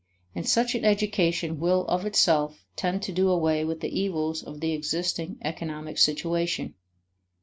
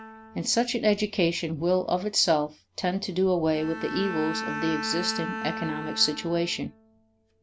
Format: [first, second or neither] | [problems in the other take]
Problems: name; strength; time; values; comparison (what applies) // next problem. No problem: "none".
first | background sound (Bowed string instrument); 10 dB below the speech